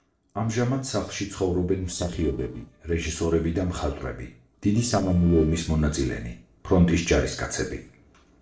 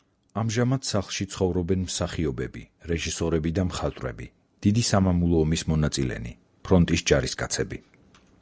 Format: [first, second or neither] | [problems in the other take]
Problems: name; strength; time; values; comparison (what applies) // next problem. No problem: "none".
second | noise reduction (neural separator model SepFormer DNS4)